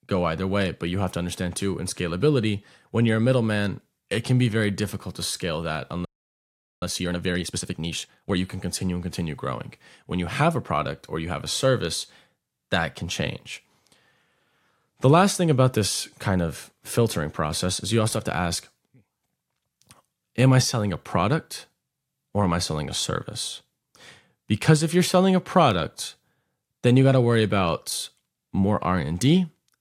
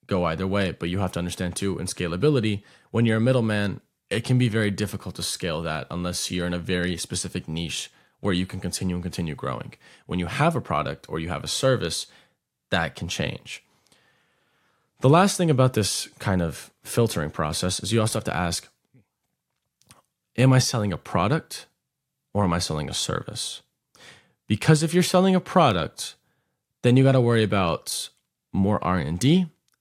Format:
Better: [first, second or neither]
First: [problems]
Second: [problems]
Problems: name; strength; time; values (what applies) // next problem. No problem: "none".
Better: second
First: audio freezing; at 6 s for 1 s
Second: none